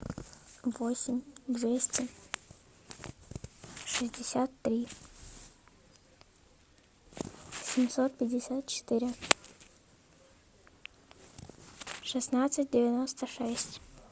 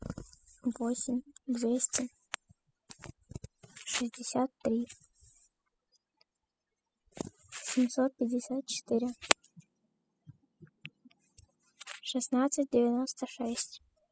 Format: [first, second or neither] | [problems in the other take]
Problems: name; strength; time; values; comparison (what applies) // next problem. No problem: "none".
first | noise reduction (classical method spectral subtraction)